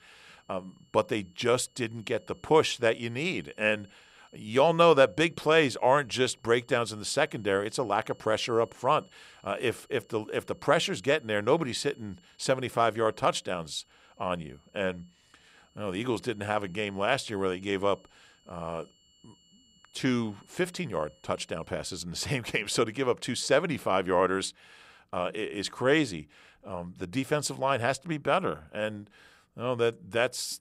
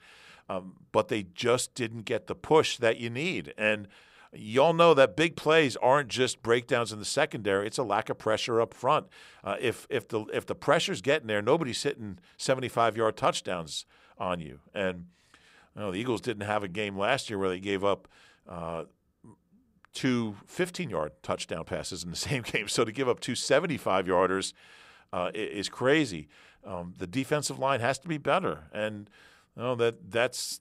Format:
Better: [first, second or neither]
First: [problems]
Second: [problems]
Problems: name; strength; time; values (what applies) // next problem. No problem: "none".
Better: second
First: high-pitched whine; faint; until 22 s; 3 kHz, 35 dB below the speech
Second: none